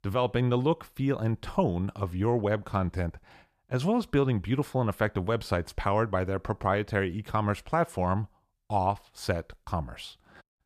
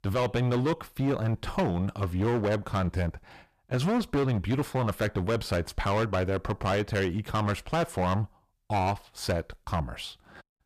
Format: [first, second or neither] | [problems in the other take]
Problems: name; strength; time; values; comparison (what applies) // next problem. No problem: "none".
first | distortion; heavy; 13% of the sound clipped